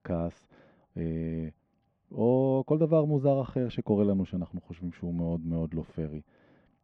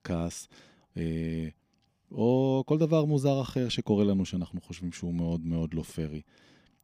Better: second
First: muffled; very; fading above 1.5 kHz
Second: none

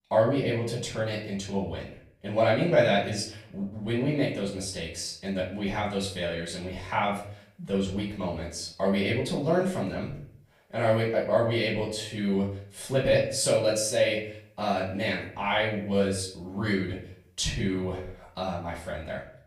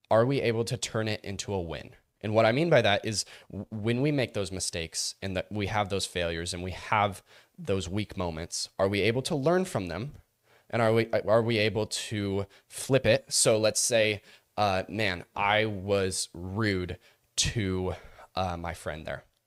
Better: second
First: off-mic speech; far // room echo; slight; dies away in 0.5 s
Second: none

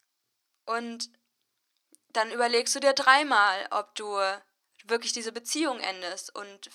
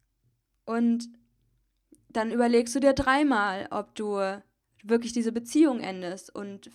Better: second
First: thin; very; fading below 750 Hz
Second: none

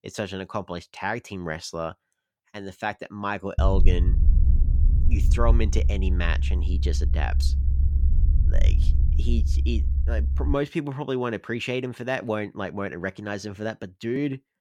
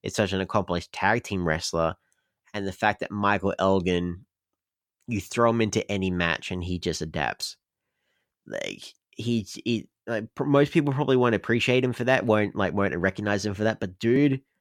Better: second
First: low rumble; noticeable; from 3.5 to 11 s; 10 dB below the speech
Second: none

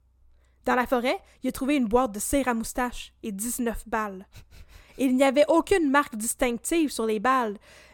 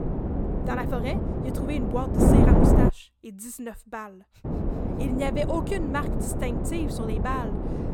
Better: first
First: none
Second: wind noise on the microphone; heavy; until 3 s and from 4.5 s on; 2 dB above the speech

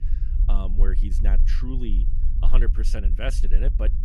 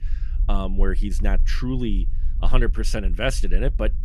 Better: second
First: low rumble; loud; throughout; 10 dB below the speech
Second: low rumble; faint; throughout; 20 dB below the speech

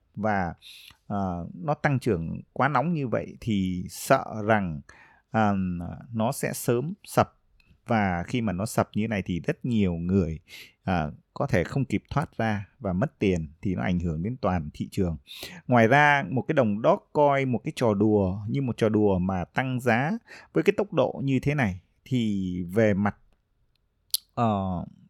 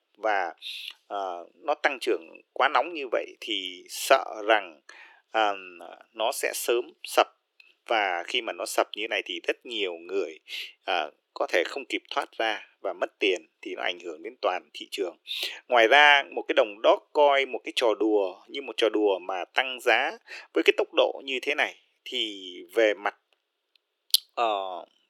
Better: first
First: none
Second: thin; very; fading below 350 Hz

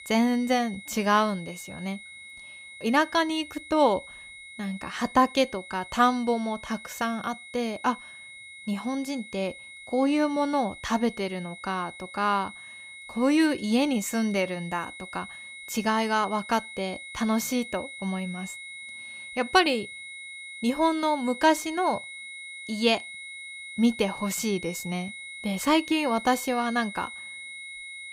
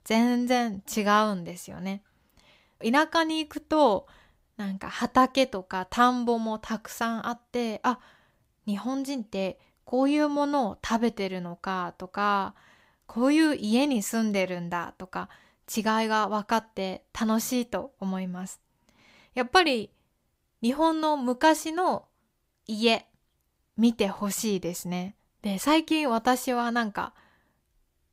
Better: second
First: high-pitched whine; noticeable; throughout; 2 kHz, 15 dB below the speech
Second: none

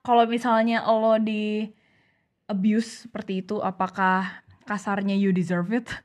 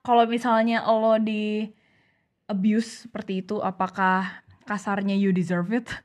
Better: neither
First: muffled; slightly; fading above 4 kHz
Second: muffled; slightly; fading above 4 kHz

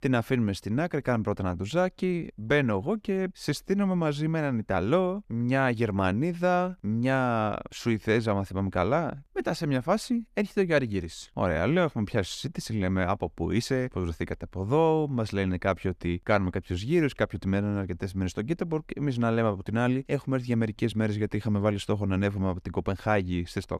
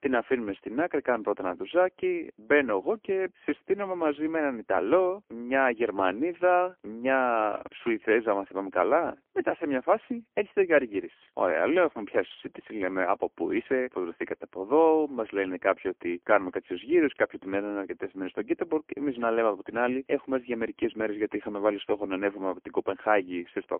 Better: first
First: none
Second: phone-call audio; poor line

